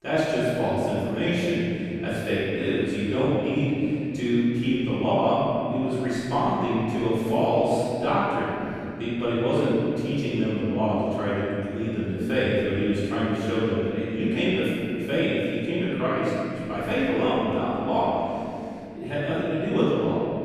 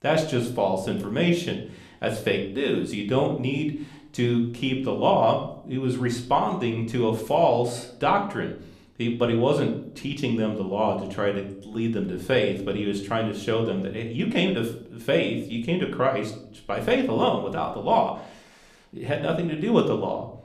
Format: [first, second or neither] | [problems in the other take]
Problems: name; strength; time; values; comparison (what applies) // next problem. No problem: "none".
second | room echo; strong; dies away in 3 s; slight in the second // off-mic speech; far; somewhat distant in the second